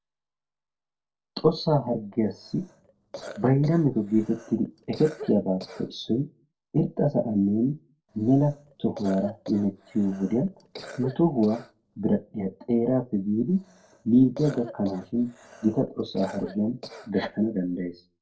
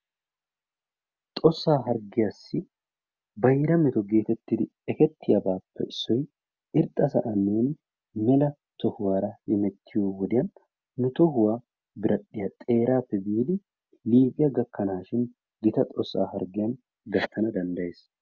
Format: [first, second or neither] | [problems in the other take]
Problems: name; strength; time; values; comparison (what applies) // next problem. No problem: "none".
second | noise reduction (neural separator model SepFormer DNS4)